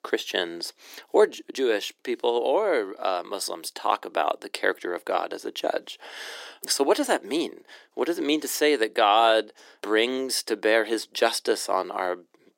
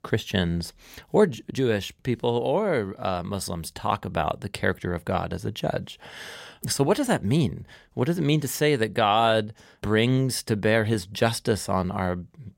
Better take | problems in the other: second | thin; somewhat; fading below 300 Hz

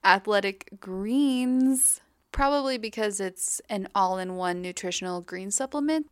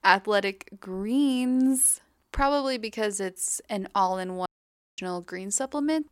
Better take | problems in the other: first | audio cutting out; at 4.5 s for 0.5 s

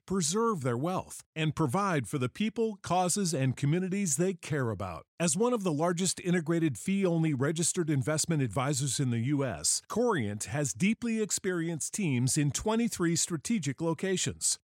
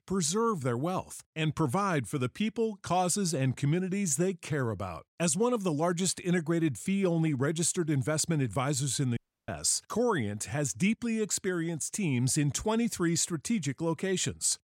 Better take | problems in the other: first | audio cutting out; at 9 s

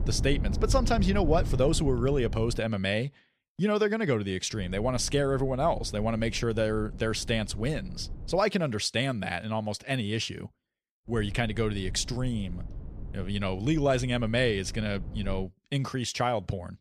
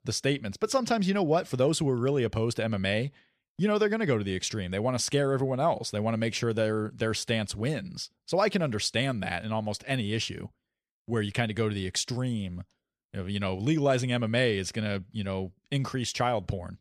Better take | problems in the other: second | low rumble; noticeable; until 2.5 s, from 4.5 to 8.5 s and from 11 to 15 s; 20 dB below the speech

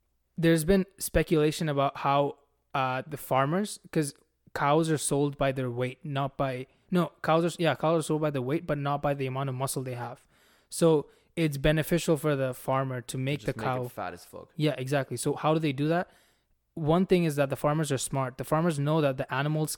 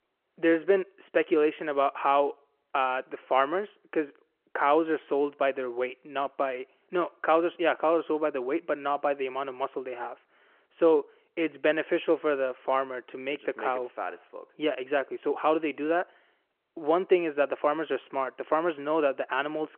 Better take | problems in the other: first | phone-call audio

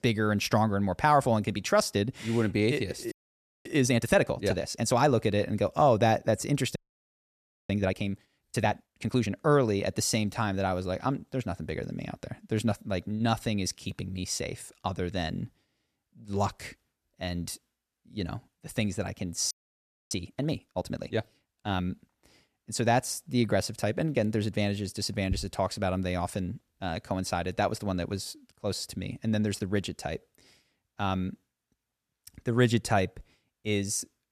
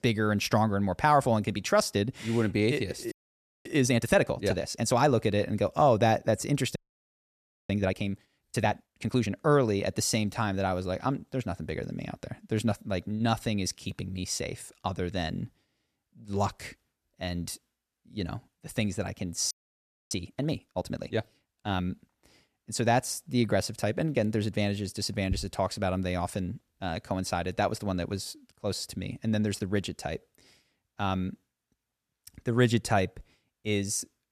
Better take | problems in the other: neither | audio freezing; at 3 s for 0.5 s, at 7 s for 1 s and at 20 s for 0.5 s; the same in both

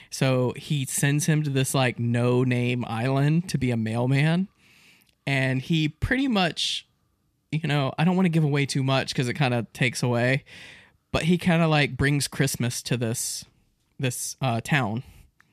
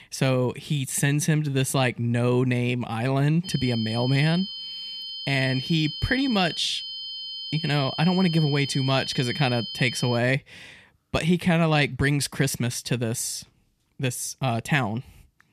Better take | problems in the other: first | high-pitched whine; loud; from 3.5 to 10 s; 3 kHz, 8 dB below the speech

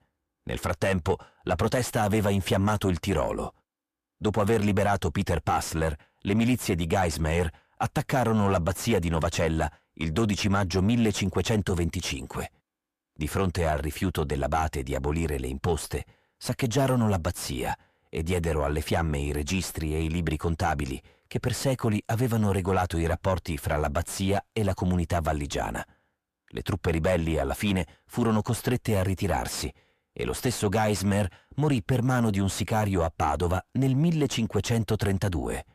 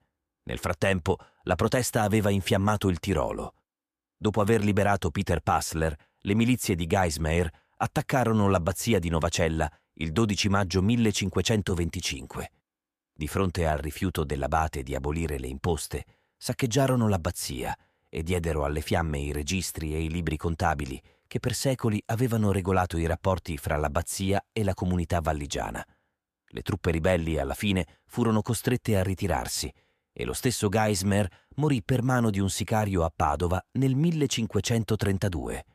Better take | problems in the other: second | distortion; slight; 10 dB below the speech

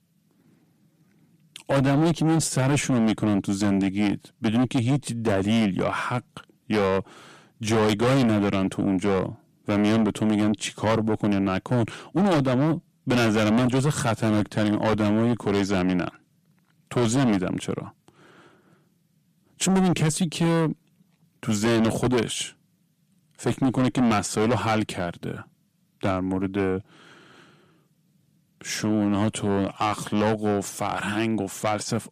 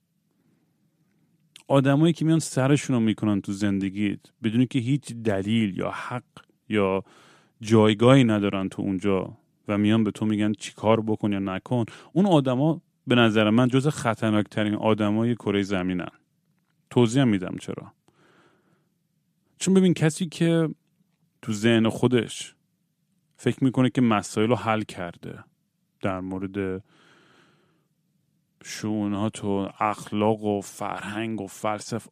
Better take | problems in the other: second | distortion; heavy; 6 dB below the speech

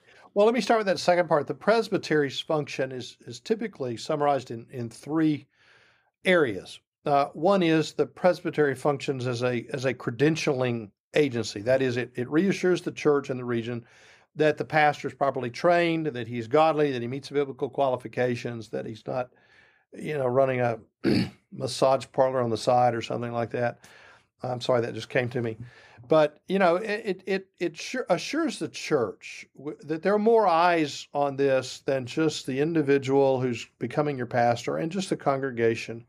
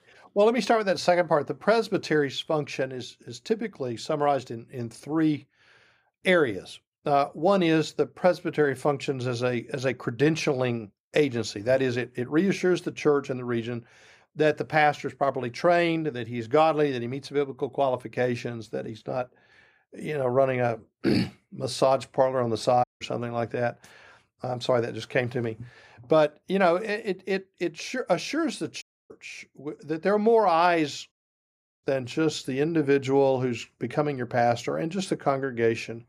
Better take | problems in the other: first | audio cutting out; at 23 s, at 29 s and at 31 s for 0.5 s

